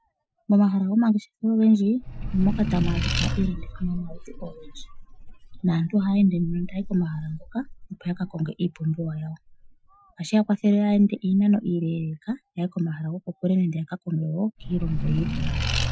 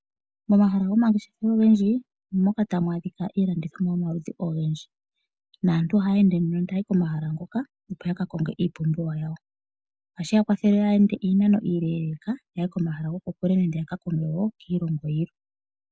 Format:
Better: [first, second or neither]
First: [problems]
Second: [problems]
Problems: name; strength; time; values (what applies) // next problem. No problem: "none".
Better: second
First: noise reduction (classical method Wiener filter)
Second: none